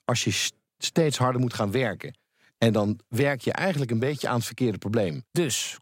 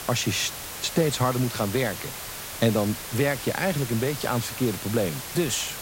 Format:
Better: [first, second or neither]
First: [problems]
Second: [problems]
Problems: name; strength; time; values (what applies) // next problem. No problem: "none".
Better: first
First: none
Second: hiss; loud; throughout; 8 dB below the speech